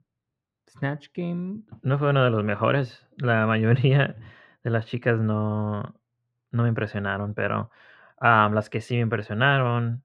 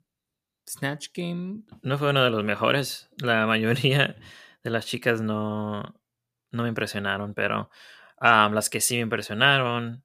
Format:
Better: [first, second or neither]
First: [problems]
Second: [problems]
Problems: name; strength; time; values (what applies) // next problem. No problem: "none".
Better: second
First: muffled; very; fading above 2 kHz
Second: none